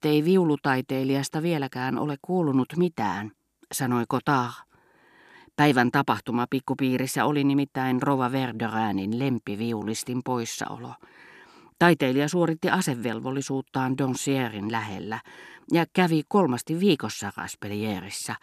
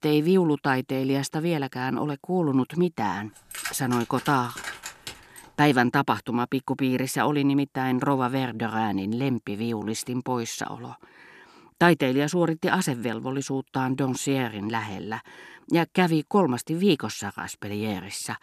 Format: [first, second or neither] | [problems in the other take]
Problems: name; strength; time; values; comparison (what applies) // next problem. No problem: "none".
first | jangling keys; noticeable; from 3.5 to 5.5 s; peak 8 dB below the speech